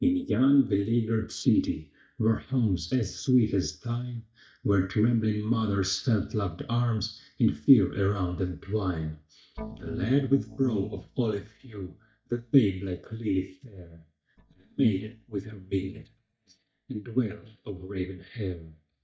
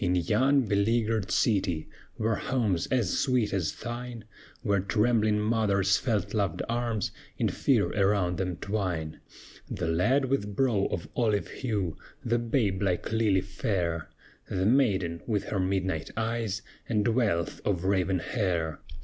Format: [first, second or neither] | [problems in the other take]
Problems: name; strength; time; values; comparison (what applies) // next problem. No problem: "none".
second | noise reduction (neural mask model DeepFilterNet 3)